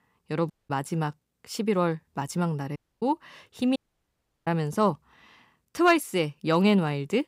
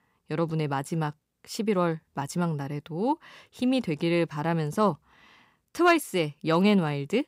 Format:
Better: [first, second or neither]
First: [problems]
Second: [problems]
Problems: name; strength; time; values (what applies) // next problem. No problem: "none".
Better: second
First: audio cutting out; at 0.5 s, at 3 s and at 4 s for 0.5 s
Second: none